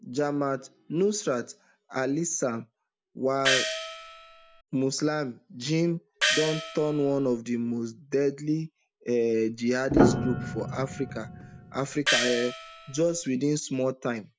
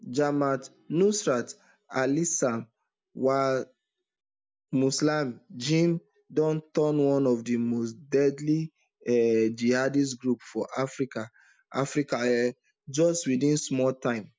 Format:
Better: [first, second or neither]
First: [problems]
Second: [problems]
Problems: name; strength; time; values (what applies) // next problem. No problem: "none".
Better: second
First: background sound (Piano + Gong); as loud as the speech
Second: none